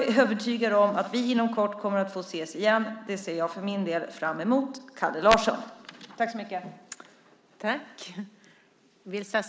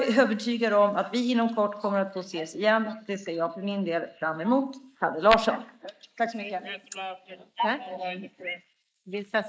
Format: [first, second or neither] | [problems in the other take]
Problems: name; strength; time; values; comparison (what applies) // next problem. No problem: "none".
first | noise reduction (neural mask model Resemble Enhance denoiser)